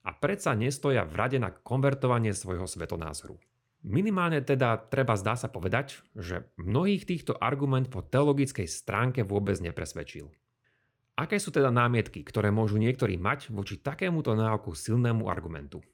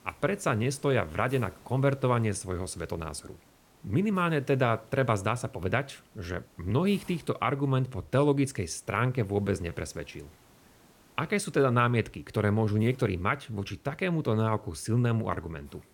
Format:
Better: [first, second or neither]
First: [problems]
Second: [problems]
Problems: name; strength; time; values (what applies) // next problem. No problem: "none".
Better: first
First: none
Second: hiss; faint; throughout; 30 dB below the speech